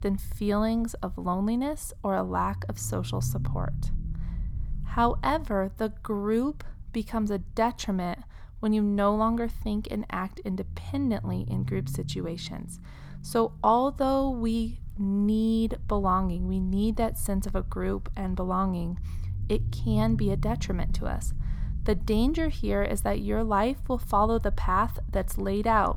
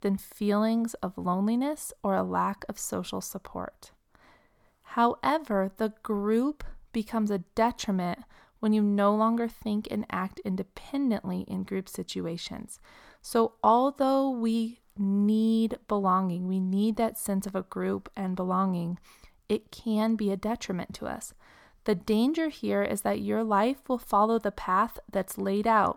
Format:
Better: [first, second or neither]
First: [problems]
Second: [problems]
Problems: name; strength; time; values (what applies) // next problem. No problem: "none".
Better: second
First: low rumble; faint; throughout; 20 dB below the speech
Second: none